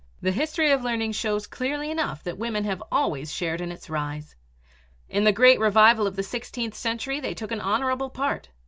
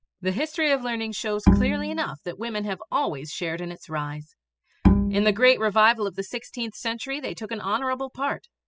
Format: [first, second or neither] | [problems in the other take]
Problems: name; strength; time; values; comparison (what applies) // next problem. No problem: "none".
first | noise reduction (classical method spectral subtraction)